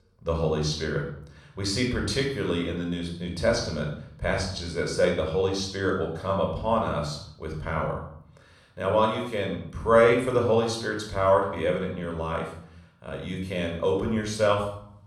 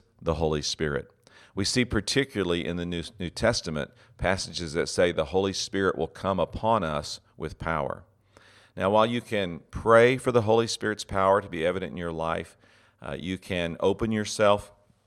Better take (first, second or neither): second